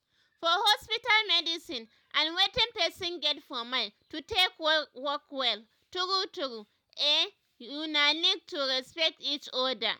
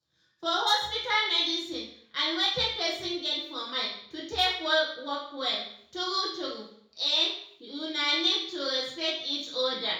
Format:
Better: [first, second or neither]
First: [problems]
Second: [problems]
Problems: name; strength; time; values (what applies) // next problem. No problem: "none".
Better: first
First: none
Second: room echo; dies away in 0.5 s